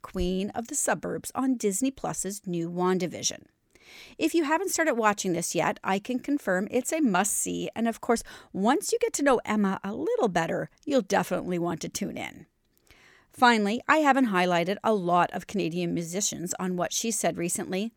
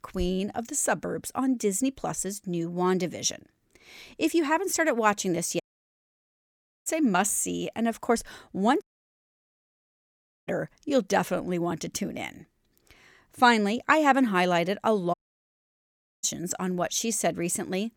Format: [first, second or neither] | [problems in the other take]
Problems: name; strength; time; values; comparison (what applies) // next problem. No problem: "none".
first | audio cutting out; at 5.5 s for 1.5 s, at 9 s for 1.5 s and at 15 s for 1 s